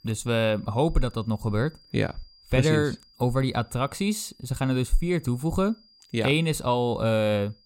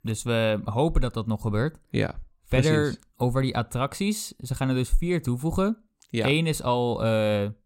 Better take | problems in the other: second | high-pitched whine; faint; throughout; 5 kHz, 30 dB below the speech

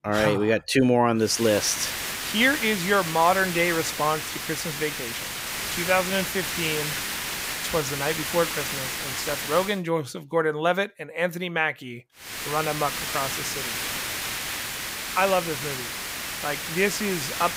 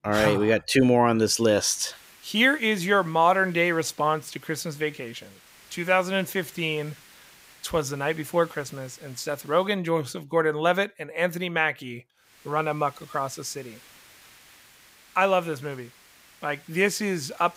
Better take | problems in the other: second | hiss; loud; from 1.5 to 9.5 s and from 12 s on; 4 dB below the speech; faint in the second

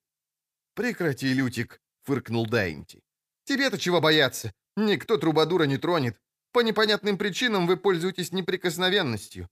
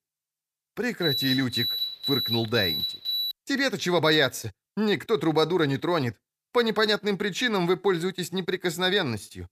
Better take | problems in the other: first | alarm; loud; from 1 to 3.5 s; peak level with the speech

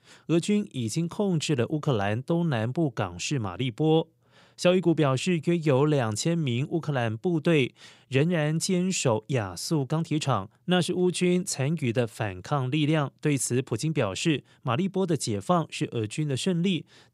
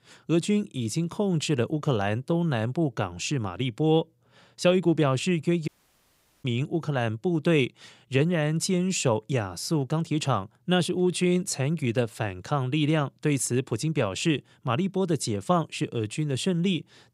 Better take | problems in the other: first | audio cutting out; at 5.5 s for 1 s

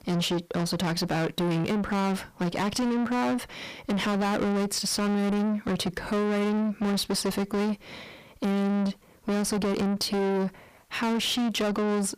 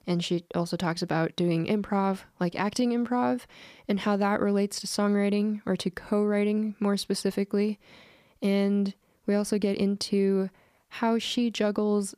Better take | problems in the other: second | distortion; heavy; 7 dB below the speech

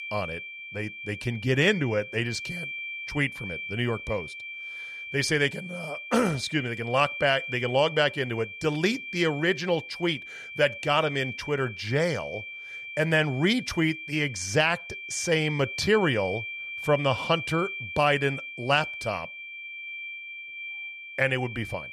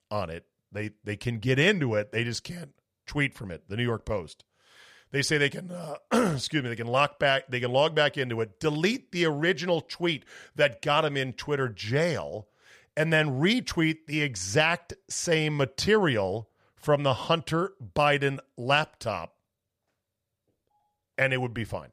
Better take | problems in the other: second | high-pitched whine; loud; throughout; 2.5 kHz, 9 dB below the speech

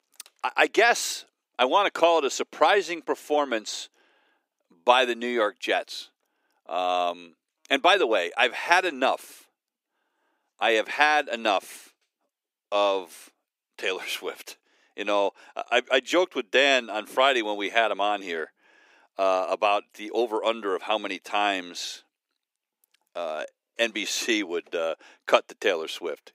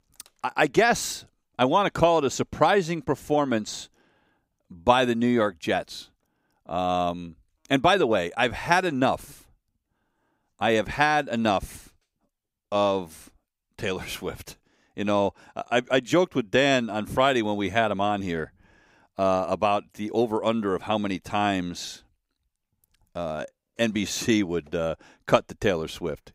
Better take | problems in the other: second | thin; somewhat; fading below 350 Hz

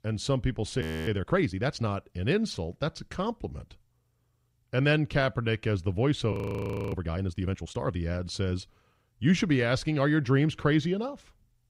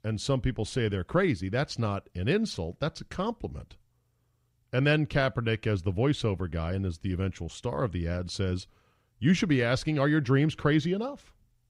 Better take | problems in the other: second | audio freezing; at 1 s and at 6.5 s for 0.5 s

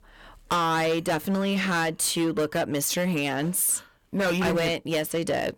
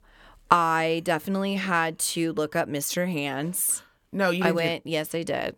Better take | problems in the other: second | distortion; heavy; 16% of the sound clipped

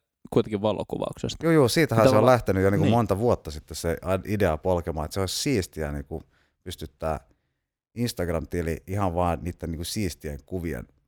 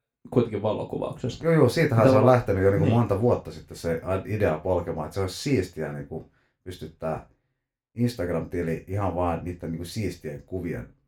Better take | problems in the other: first | room echo; very slight; dies away in 0.2 s // off-mic speech; somewhat distant

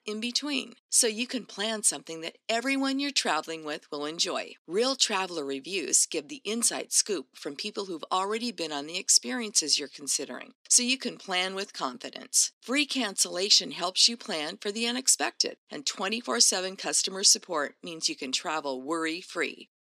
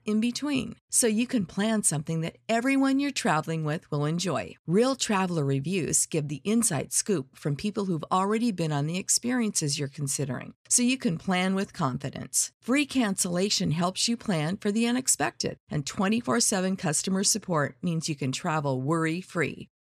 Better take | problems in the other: second | thin; very slightly; fading below 250 Hz

